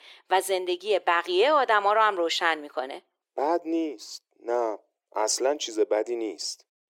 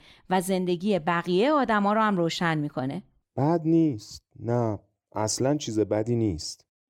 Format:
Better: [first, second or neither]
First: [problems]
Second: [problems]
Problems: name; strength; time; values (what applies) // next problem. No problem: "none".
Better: second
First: thin; very; fading below 400 Hz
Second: none